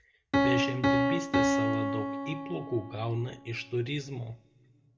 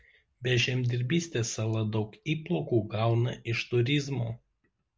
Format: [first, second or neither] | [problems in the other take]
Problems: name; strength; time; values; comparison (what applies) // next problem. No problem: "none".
second | background sound (Piano); 4 dB above the speech // room echo; dies away in 1.1 s